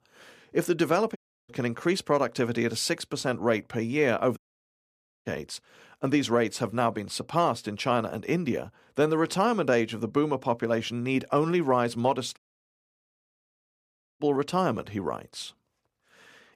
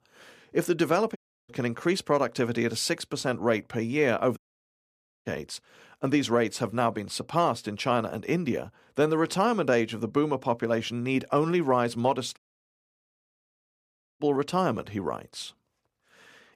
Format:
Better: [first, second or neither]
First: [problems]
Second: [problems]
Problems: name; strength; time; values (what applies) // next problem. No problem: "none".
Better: neither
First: audio cutting out; at 1 s, at 4.5 s for 1 s and at 12 s for 2 s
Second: audio cutting out; at 1 s, at 4.5 s for 1 s and at 12 s for 2 s